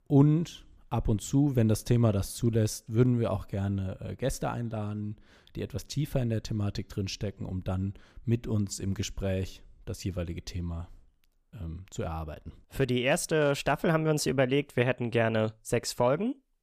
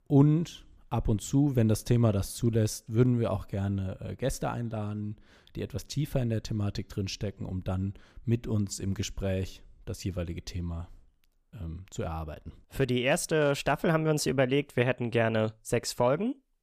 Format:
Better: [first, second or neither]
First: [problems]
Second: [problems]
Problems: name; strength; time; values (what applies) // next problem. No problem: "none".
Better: neither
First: none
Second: none